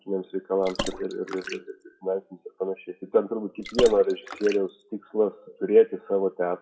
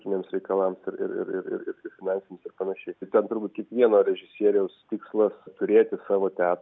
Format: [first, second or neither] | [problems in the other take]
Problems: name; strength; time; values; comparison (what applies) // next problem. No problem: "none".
second | noise reduction (classical method WPE with log-MMSE)